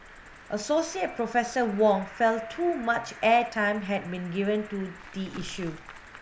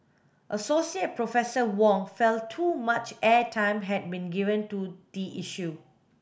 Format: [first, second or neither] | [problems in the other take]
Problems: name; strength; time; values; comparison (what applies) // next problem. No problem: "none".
second | background sound (Cricket); 17 dB below the speech